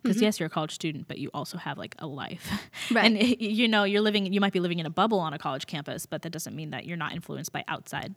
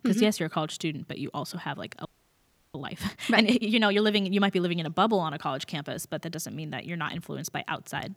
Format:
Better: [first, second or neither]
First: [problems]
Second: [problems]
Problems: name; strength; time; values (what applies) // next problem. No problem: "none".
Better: first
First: none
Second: audio freezing; at 2 s for 0.5 s